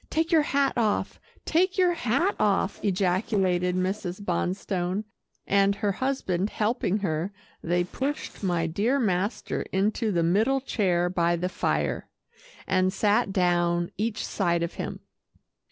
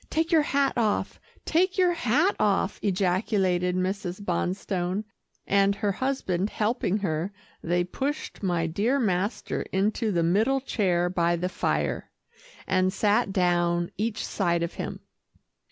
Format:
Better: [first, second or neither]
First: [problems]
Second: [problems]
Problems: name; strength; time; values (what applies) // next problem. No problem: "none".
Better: second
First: noise reduction (neural separator model SepFormer DNS4)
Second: none